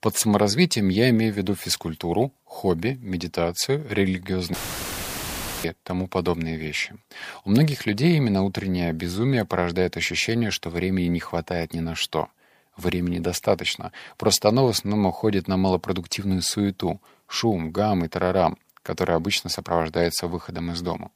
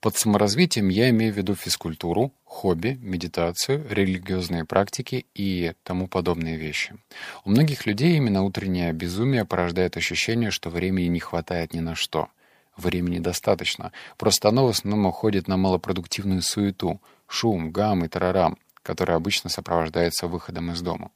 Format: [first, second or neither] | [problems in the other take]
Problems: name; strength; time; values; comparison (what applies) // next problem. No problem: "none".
second | audio cutting out; filled with static; at 4.5 s for 1 s